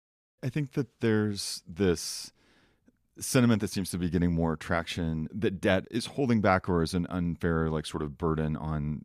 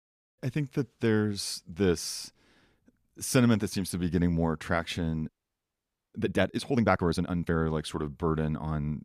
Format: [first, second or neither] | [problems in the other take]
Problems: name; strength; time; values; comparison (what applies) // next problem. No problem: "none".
first | audio freezing; at 5.5 s for 1 s